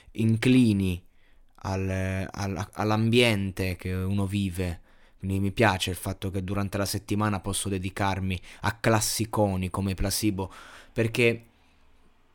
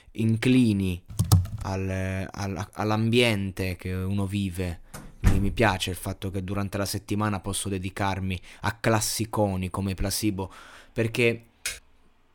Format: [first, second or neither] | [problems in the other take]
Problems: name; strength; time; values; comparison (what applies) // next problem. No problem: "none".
first | keyboard typing; loud; at 1 s; peak 4 dB above the speech // door banging; noticeable; at 5 s; peak 1 dB below the speech // keyboard typing; noticeable; at 12 s; peak 7 dB below the speech